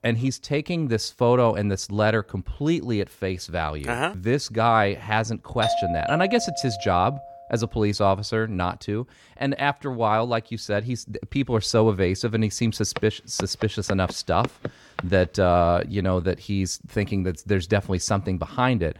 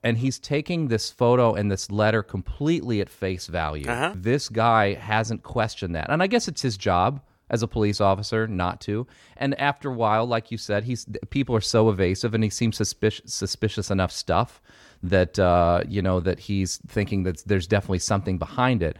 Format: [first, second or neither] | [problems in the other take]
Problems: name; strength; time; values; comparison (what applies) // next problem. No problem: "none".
second | doorbell; noticeable; from 5.5 to 7 s; peak level with the speech // footsteps; noticeable; from 13 to 15 s; peak 9 dB below the speech